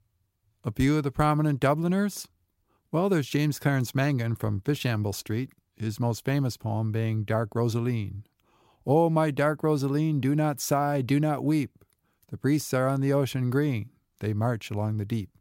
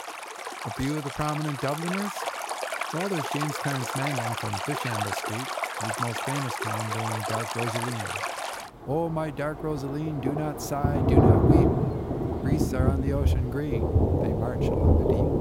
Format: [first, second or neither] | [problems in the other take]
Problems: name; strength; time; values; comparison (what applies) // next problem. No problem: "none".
first | rain or running water; very loud; throughout; 5 dB above the speech